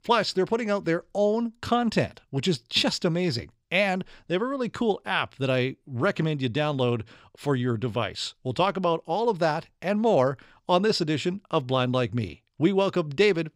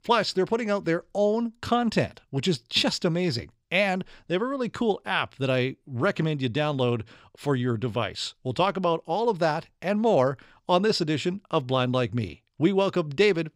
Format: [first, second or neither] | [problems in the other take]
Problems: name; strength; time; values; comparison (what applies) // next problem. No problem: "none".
neither | none